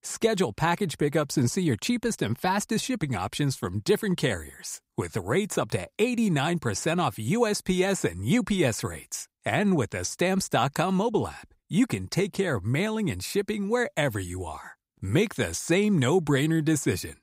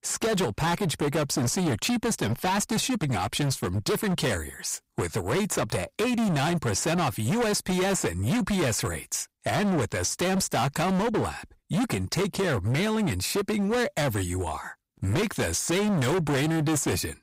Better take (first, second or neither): first